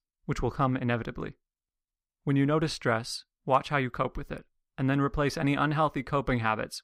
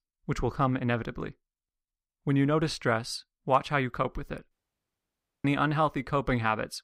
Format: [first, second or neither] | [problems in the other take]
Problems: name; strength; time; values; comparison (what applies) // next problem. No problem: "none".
first | audio cutting out; at 4.5 s for 1 s